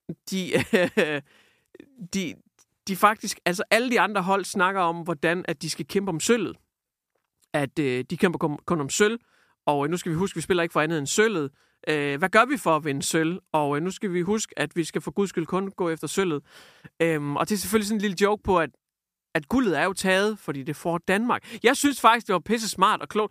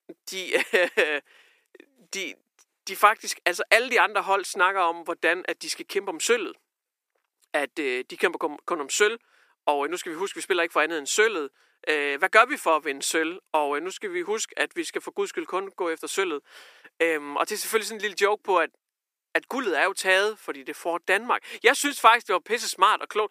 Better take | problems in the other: first | thin; somewhat; fading below 350 Hz

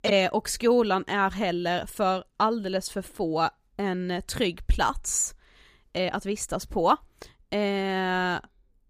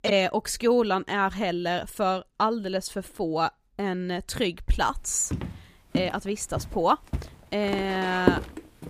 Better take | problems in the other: first | footsteps; loud; from 5.5 to 8.5 s; peak 2 dB above the speech

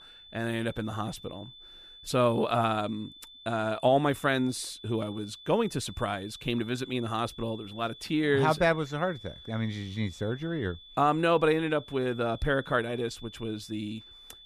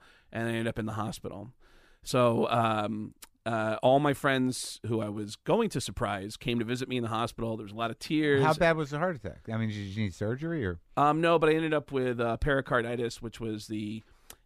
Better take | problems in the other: second | high-pitched whine; noticeable; throughout; 3.5 kHz, 20 dB below the speech

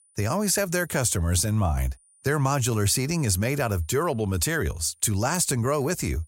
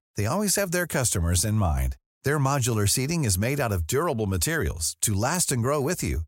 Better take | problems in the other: second | high-pitched whine; faint; throughout; 9.5 kHz, 35 dB below the speech

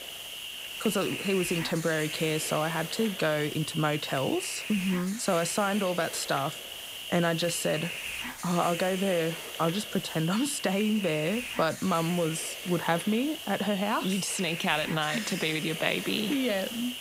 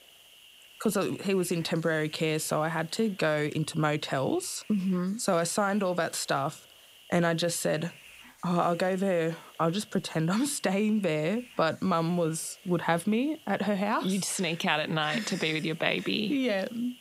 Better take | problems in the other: second | hiss; loud; throughout; 7 dB below the speech; faint in the second

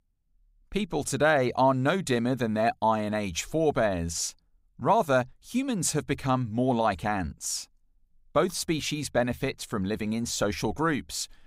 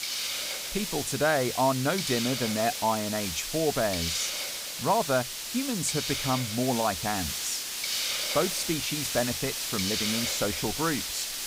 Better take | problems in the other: first | hiss; loud; throughout; 1 dB below the speech

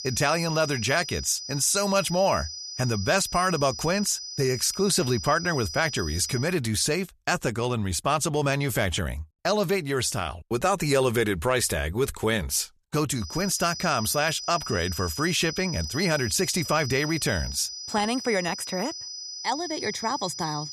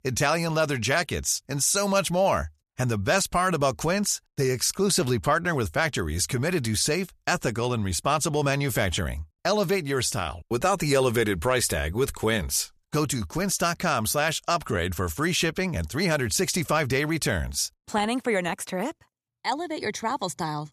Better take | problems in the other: second | high-pitched whine; loud; until 6.5 s and from 13 s on; 5 kHz, 8 dB below the speech

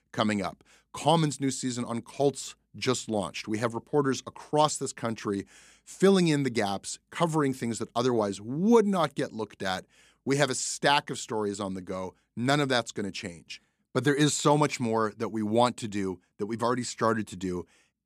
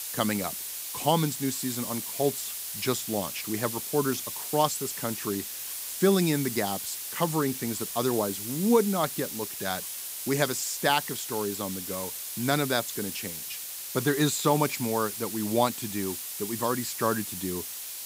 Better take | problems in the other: first | hiss; loud; throughout; 4 dB below the speech

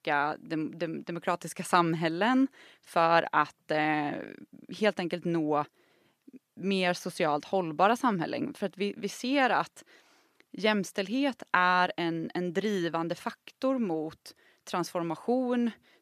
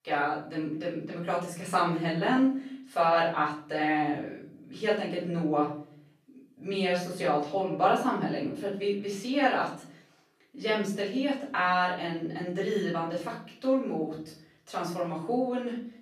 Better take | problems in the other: first | off-mic speech; far // room echo; noticeable; dies away in 0.5 s

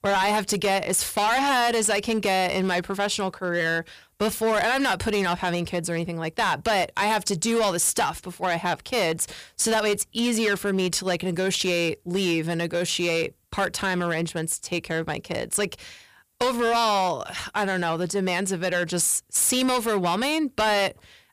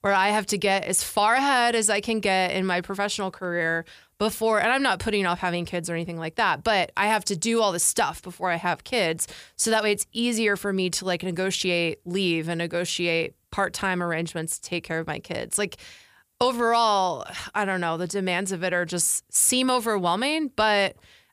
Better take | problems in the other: second | distortion; slight; 11% of the sound clipped

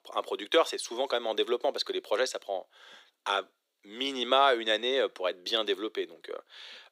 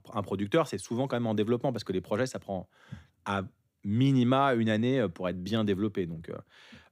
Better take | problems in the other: second | thin; very; fading below 400 Hz

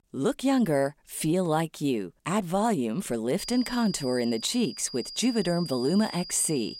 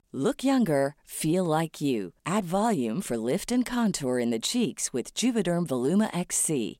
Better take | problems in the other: second | high-pitched whine; noticeable; from 3.5 s on; 5 kHz, 10 dB below the speech

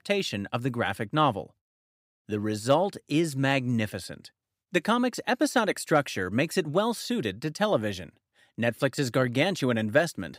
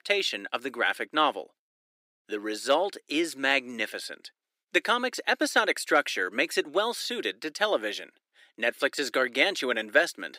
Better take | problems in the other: first | thin; somewhat; fading below 350 Hz

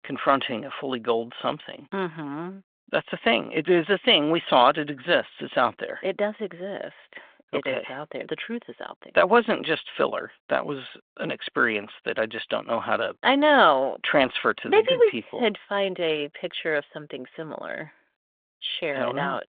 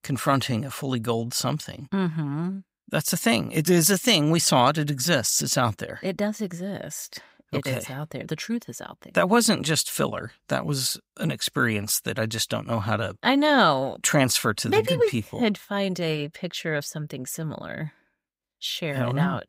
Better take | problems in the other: second | phone-call audio

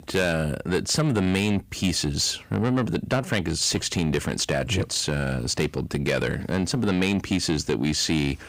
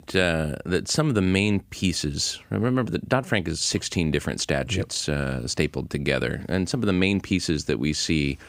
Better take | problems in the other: second | distortion; slight; 10 dB below the speech

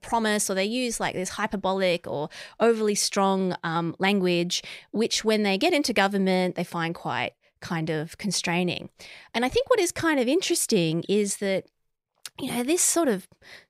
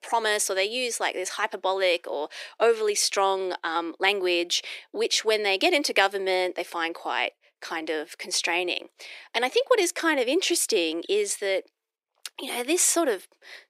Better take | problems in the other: first | thin; very; fading below 300 Hz

